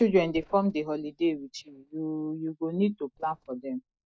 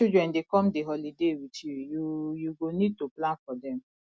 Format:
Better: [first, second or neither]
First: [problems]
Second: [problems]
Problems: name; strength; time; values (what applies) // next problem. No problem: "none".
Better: second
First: noise reduction (neural mask model DeepFilterNet 3)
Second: none